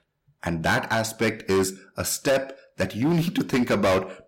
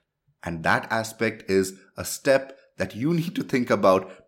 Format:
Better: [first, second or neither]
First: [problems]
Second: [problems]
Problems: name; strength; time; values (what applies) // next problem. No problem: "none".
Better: second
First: distortion; heavy; 11% of the sound clipped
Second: none